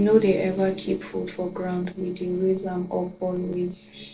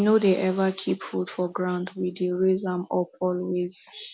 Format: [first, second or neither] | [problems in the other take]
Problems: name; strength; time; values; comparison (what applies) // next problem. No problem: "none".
second | noise reduction (neural separator model SepFormer DNS4)